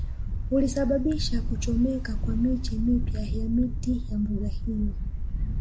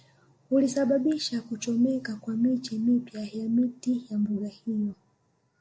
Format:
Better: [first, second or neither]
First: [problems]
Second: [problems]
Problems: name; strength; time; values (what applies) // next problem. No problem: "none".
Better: second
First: background sound (Wind); as loud as the speech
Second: none